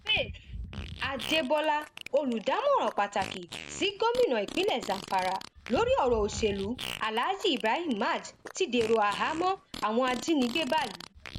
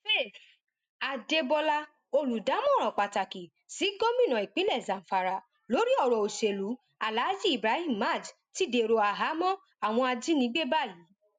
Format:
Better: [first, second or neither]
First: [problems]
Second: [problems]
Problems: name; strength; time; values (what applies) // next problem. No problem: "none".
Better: second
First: background sound (Fart); 13 dB below the speech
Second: none